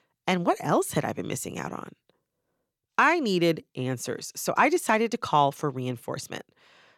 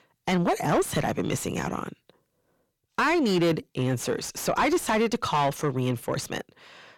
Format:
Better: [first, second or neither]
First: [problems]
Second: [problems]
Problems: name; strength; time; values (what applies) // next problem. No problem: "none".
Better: first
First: none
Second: distortion; heavy; 6 dB below the speech